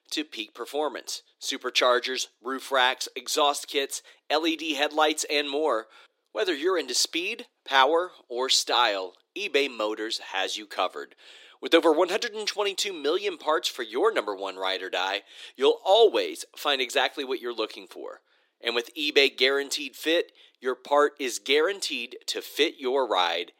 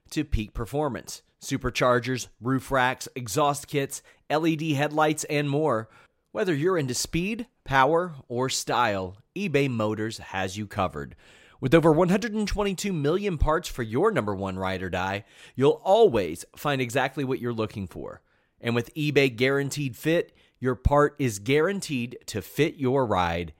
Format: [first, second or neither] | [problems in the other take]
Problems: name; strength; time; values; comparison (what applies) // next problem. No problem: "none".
second | thin; somewhat; fading below 300 Hz